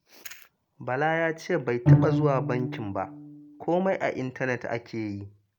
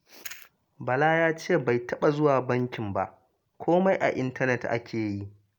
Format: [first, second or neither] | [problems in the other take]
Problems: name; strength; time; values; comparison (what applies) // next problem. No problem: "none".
second | background sound (Bowed string instrument); 3 dB above the speech